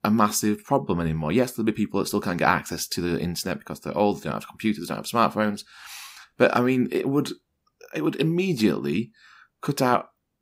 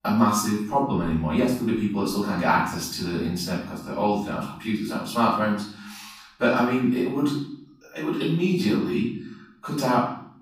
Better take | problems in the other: first | off-mic speech; far // room echo; noticeable; dies away in 0.6 s

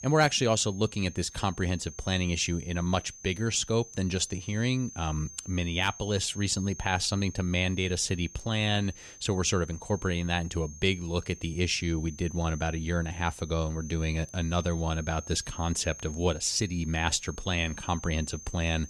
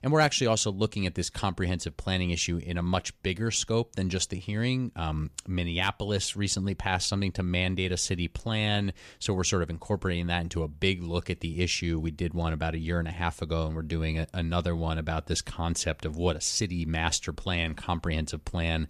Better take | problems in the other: second | high-pitched whine; noticeable; throughout; 6.5 kHz, 15 dB below the speech

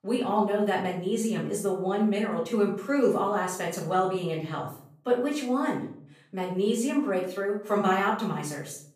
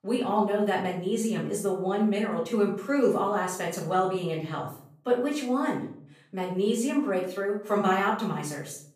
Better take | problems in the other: neither | off-mic speech; far; the same in both // room echo; noticeable; dies away in 0.4 s; the same in both

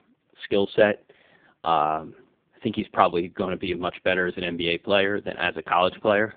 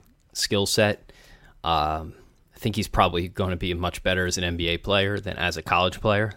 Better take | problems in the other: second | phone-call audio; poor line; nothing above 3.5 kHz

